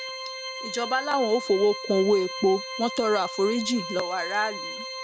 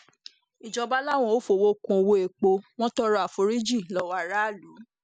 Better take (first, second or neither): second